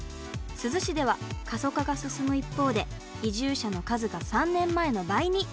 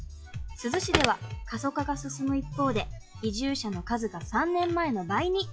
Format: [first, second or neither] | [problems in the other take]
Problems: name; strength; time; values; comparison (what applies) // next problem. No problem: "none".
first | noise reduction (classical method log-MMSE)